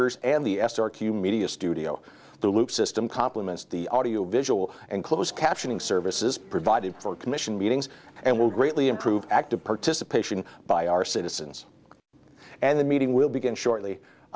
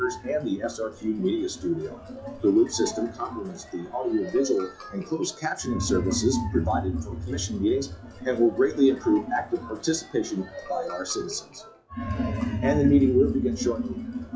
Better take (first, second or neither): first